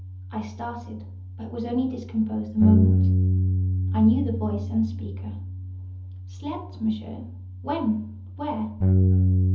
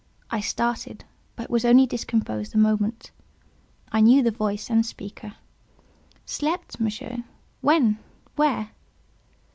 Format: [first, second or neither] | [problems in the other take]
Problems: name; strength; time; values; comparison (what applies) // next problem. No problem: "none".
second | background sound (Bass guitar); 3 dB above the speech // room echo; dies away in 0.7 s